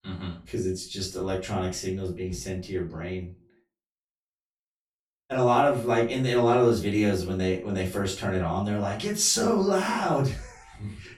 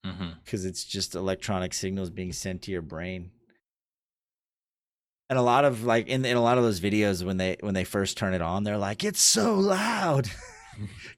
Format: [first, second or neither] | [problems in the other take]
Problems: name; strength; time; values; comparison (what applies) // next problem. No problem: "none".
second | off-mic speech; far // room echo; slight; dies away in 0.3 s